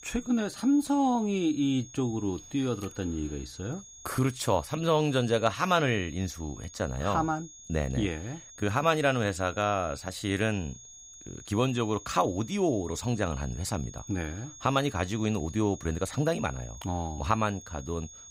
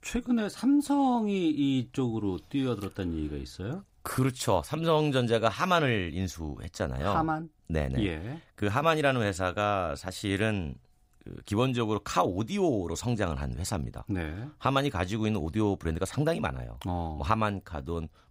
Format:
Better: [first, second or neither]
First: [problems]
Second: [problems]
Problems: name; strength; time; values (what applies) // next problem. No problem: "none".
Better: second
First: high-pitched whine; noticeable; throughout; 6.5 kHz, 15 dB below the speech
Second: none